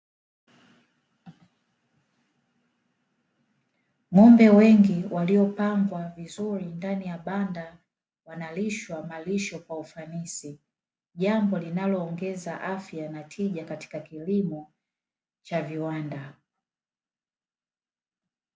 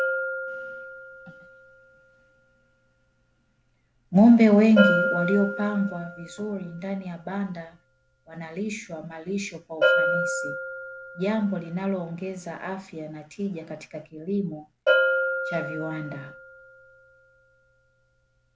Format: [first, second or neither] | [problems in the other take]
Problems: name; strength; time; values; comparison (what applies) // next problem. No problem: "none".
first | background sound (Bell); 3 dB below the speech